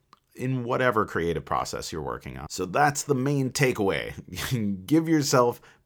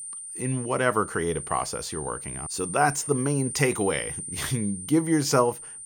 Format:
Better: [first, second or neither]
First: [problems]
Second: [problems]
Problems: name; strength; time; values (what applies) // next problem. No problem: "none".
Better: first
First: none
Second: high-pitched whine; loud; throughout; 9 kHz, 7 dB below the speech